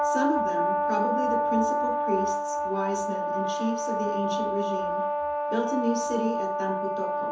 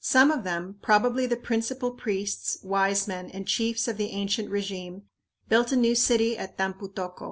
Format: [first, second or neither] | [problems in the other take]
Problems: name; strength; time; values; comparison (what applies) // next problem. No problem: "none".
second | background sound (Brass instrument); 4 dB above the speech // room echo; dies away in 0.6 s